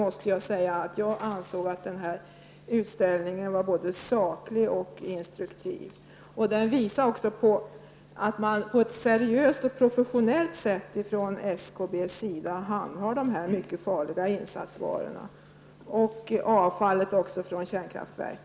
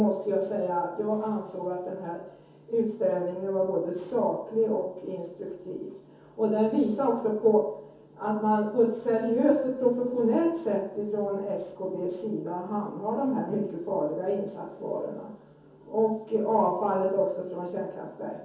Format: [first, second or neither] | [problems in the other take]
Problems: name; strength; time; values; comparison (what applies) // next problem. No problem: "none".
first | room echo; dies away in 0.6 s